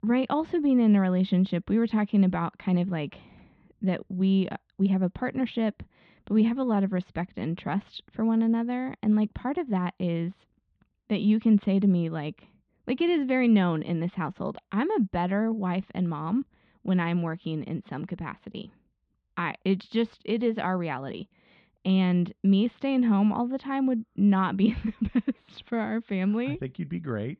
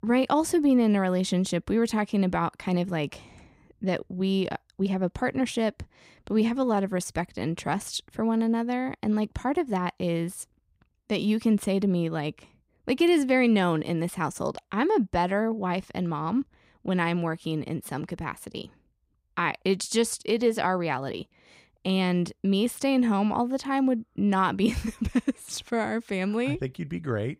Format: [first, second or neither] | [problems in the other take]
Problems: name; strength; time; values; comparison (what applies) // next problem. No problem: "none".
second | muffled; slightly; fading above 3.5 kHz